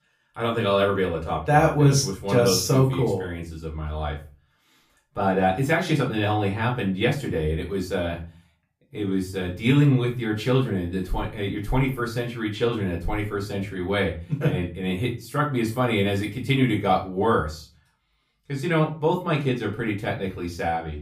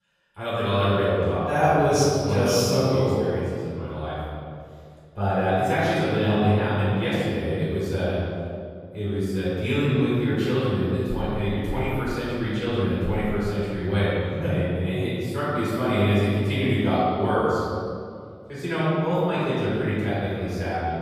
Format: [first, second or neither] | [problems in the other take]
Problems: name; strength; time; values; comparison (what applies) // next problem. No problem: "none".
first | room echo; strong; dies away in 2.2 s; slight in the first // off-mic speech; far; far in the first